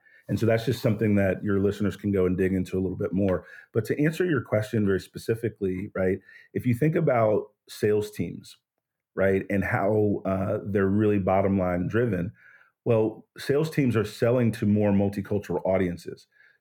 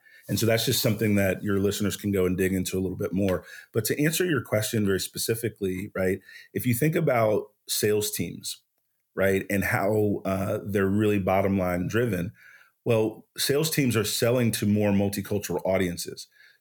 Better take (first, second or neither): second